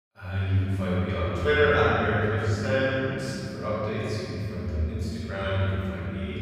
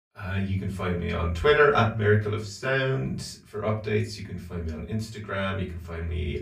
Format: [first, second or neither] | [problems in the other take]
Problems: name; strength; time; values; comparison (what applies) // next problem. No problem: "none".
second | room echo; strong; dies away in 3 s; slight in the second // off-mic speech; far; far in the second